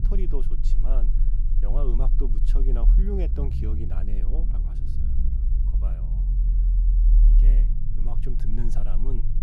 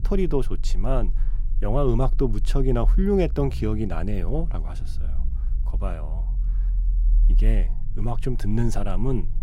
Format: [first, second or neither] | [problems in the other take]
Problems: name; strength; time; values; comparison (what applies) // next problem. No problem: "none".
second | low rumble; loud; throughout; 5 dB below the speech; faint in the second